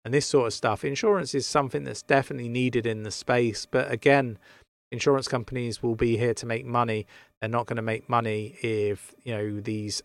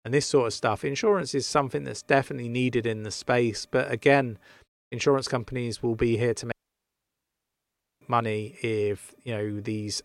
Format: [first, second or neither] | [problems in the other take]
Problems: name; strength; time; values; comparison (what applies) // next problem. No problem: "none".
first | audio cutting out; at 6.5 s for 1.5 s